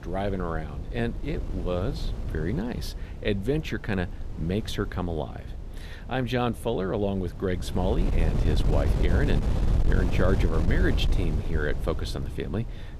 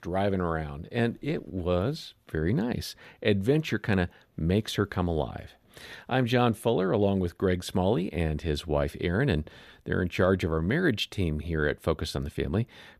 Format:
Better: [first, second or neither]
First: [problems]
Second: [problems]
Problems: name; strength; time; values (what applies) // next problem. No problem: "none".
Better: second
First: wind noise on the microphone; heavy; 10 dB below the speech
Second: none